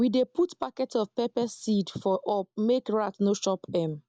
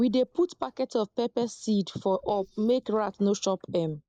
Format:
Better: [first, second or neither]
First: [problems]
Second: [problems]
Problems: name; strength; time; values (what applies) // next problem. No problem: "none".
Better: first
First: none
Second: noise reduction (neural mask model Resemble Enhance denoiser)